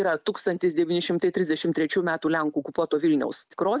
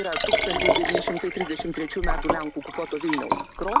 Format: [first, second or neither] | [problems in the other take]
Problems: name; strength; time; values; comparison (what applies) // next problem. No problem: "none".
first | background sound (Liquid + Chink, clink); 4 dB above the speech